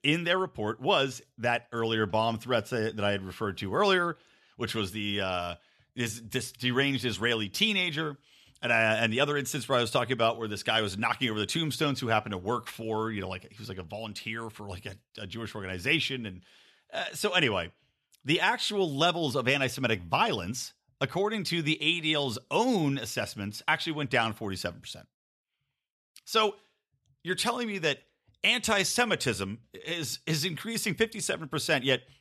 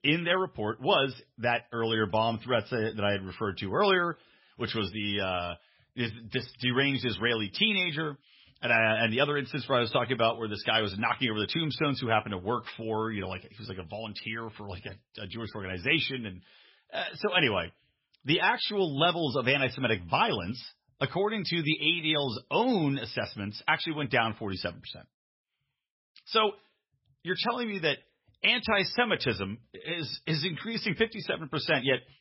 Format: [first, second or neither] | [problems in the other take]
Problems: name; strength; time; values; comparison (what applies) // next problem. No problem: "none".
first | garbled, watery; badly; nothing above 5.5 kHz